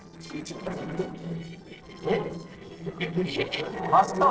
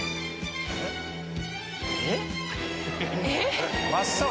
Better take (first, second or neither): second